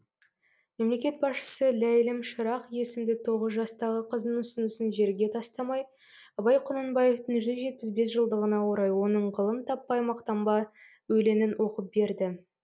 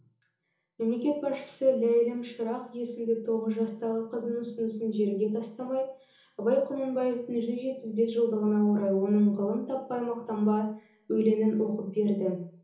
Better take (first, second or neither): first